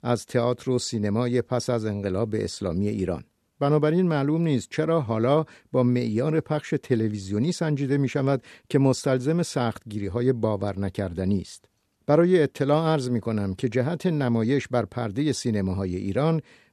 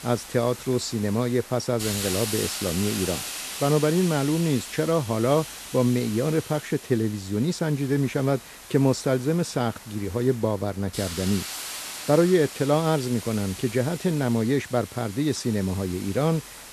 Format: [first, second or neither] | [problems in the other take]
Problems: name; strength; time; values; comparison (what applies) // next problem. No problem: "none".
first | hiss; loud; throughout; 10 dB below the speech